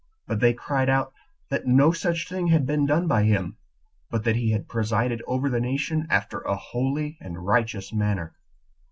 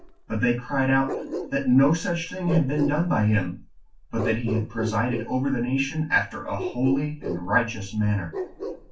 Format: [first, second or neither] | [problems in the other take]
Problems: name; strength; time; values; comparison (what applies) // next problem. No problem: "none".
first | background sound (Bark); 11 dB below the speech // room echo; dies away in 0.2 s